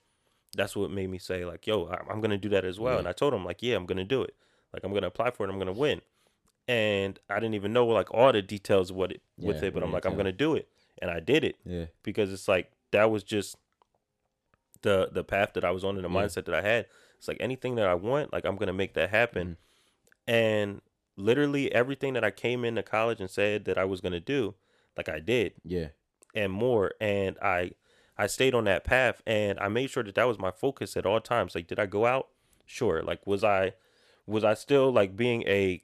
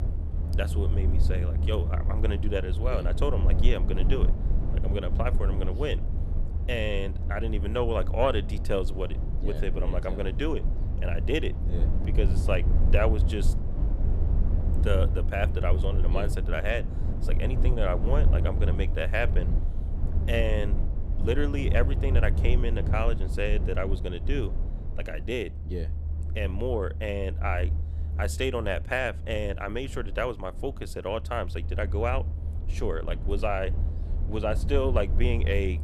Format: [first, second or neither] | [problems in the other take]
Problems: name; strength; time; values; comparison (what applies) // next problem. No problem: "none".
first | low rumble; noticeable; throughout; 10 dB below the speech